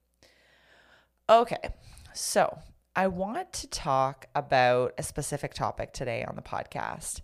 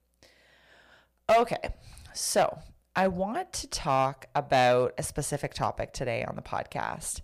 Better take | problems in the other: first | distortion; slight; 1.8% of the sound clipped

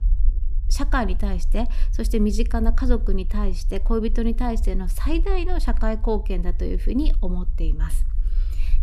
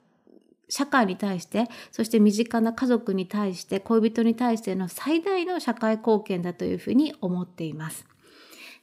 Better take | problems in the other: second | low rumble; faint; throughout; 20 dB below the speech

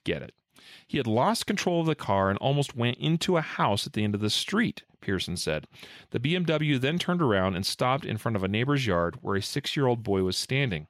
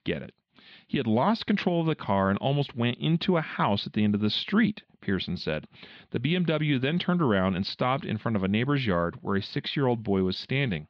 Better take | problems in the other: first | muffled; very slightly; fading above 4 kHz

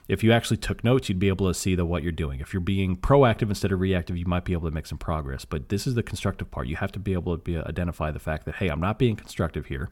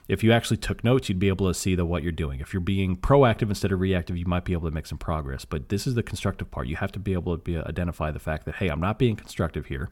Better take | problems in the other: neither | none

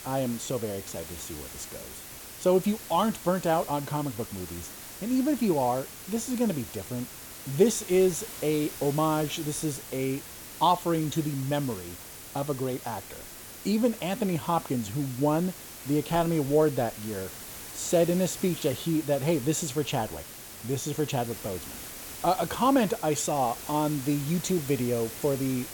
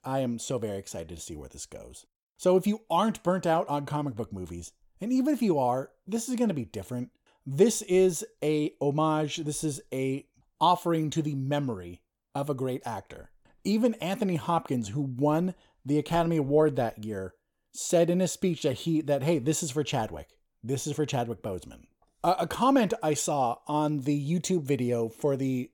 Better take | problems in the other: second | hiss; noticeable; throughout; 10 dB below the speech

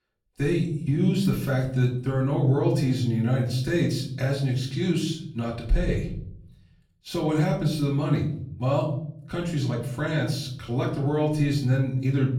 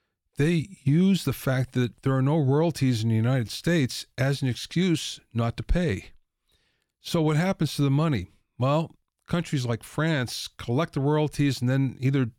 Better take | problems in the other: second | off-mic speech; far // room echo; slight; dies away in 0.7 s

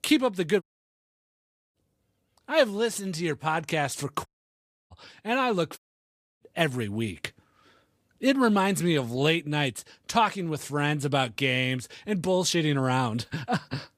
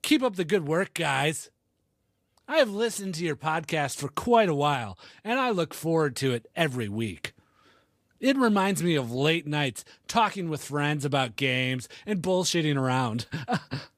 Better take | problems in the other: second | audio cutting out; at 0.5 s for 1 s, at 4.5 s for 0.5 s and at 6 s for 0.5 s

